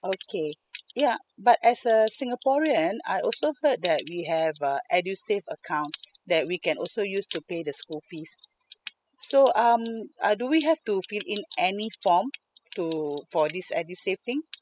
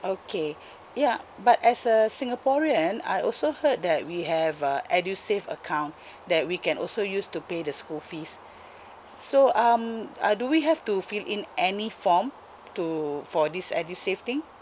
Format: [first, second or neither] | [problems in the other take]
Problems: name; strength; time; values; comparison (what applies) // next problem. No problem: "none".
second | noise reduction (classical method spectral subtraction)